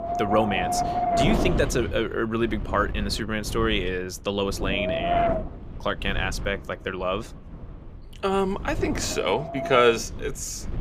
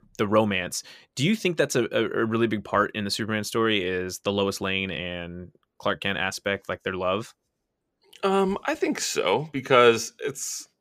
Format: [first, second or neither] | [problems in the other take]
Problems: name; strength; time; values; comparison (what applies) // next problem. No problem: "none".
second | wind noise on the microphone; heavy; 1 dB below the speech